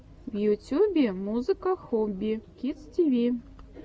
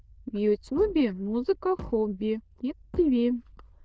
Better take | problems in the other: first | noise reduction (neural diffusion model UNIVERSE++)

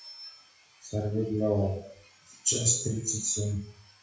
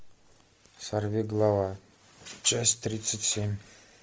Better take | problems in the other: second | noise reduction (classical method WPE with log-MMSE)

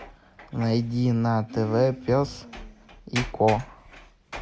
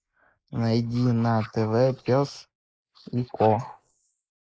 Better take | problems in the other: first | noise reduction (neural mask model Resemble Enhance denoiser)

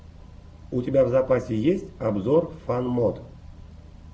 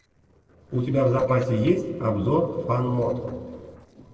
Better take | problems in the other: first | noise reduction (neural separator model SepFormer DNS4)

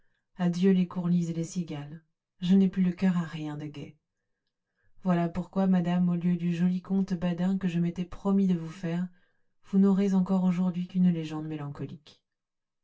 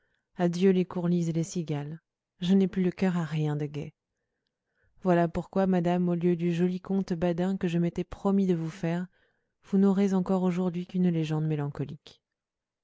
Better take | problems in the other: second | room echo; dies away in 0.1 s

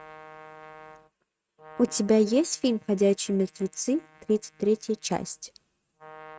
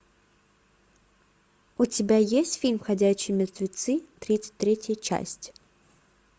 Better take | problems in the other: second | noise reduction (neural mask model RNNoise)

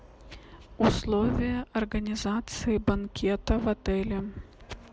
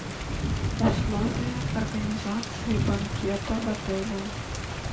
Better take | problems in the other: first | background sound (Thunder / Rain); as loud as the speech // room echo; dies away in 0.2 s

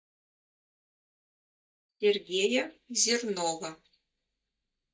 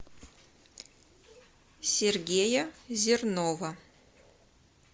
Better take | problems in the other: second | noise reduction (neural mask model DeepFilterNet 3)

